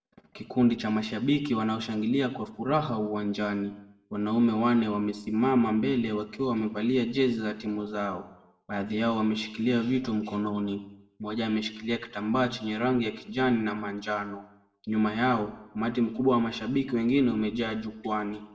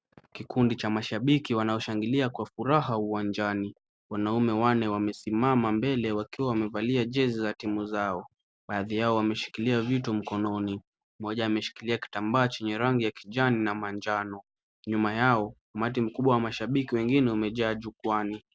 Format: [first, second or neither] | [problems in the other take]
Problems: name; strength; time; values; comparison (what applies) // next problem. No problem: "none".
second | room echo; dies away in 0.7 s